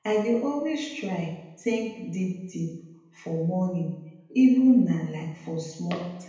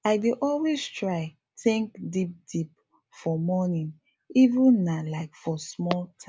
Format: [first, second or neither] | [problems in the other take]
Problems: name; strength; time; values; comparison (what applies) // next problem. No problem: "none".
second | room echo; dies away in 0.8 s